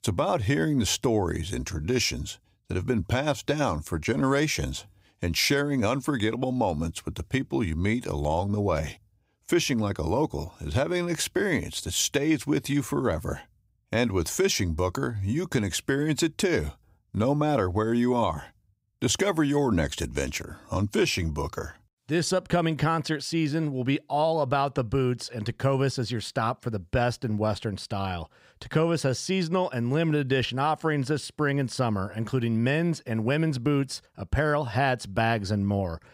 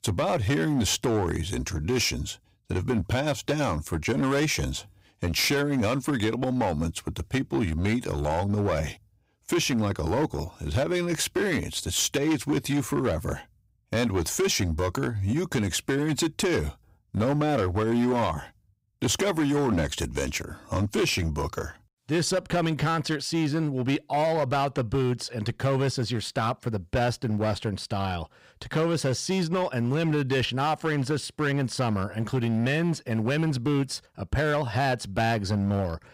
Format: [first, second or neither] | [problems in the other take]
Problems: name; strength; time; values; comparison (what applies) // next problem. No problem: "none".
first | distortion; slight; 11% of the sound clipped